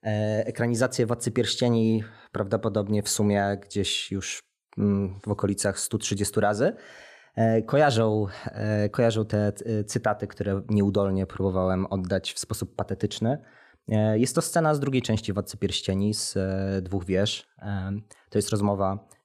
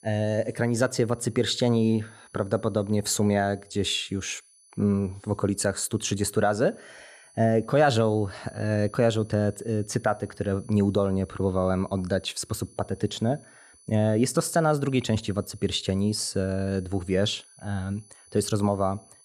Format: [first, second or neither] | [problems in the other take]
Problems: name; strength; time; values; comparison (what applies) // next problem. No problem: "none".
first | high-pitched whine; faint; throughout; 10 kHz, 25 dB below the speech